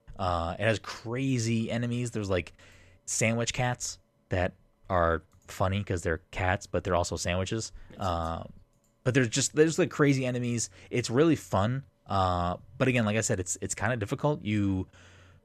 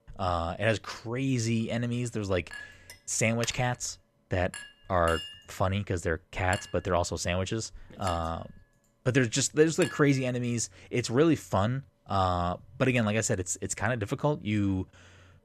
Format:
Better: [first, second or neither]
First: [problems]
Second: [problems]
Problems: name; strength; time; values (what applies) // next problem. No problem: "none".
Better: first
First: none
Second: clattering dishes; noticeable; from 2.5 to 10 s; peak 9 dB below the speech